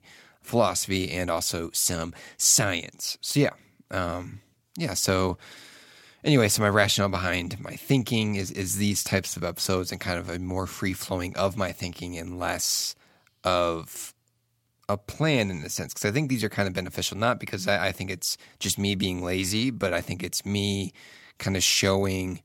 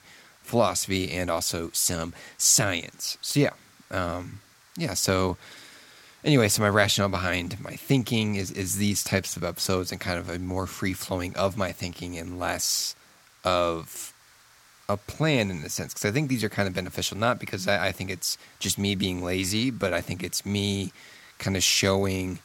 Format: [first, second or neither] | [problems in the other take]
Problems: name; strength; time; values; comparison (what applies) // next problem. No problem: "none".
first | hiss; faint; throughout; 30 dB below the speech